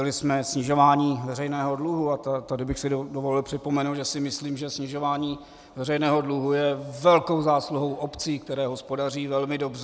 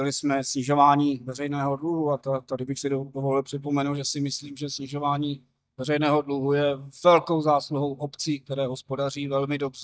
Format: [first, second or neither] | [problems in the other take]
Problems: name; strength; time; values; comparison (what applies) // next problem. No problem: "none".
first | noise reduction (neural mask model DeepFilterNet 3)